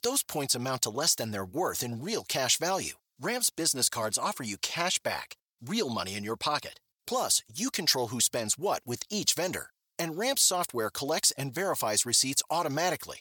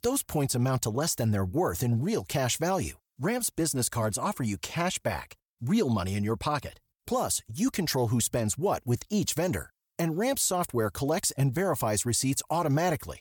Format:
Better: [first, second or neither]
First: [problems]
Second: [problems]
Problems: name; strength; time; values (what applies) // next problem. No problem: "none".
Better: second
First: thin; somewhat; fading below 1 kHz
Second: none